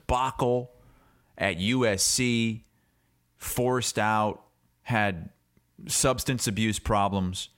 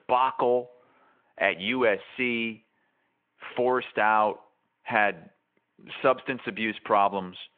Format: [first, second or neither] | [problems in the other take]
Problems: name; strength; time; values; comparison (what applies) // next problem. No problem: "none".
first | phone-call audio; nothing above 3.5 kHz